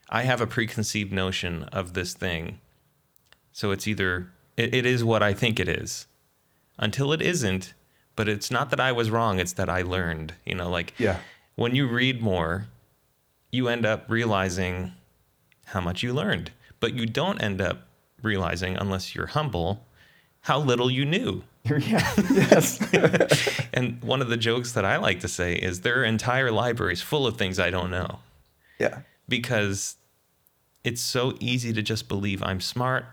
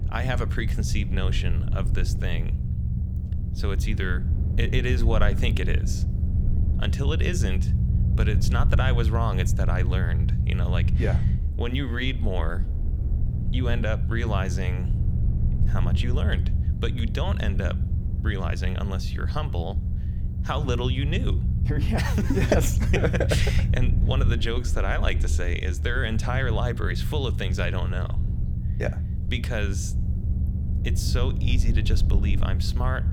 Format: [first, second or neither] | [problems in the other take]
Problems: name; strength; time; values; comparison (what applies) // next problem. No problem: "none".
first | low rumble; loud; throughout; 9 dB below the speech